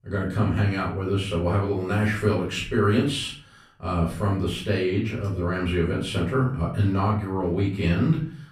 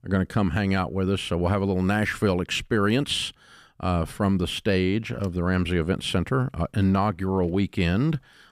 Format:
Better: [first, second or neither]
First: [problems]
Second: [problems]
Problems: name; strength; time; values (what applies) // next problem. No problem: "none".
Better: second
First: off-mic speech; far // room echo; noticeable; dies away in 0.4 s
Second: none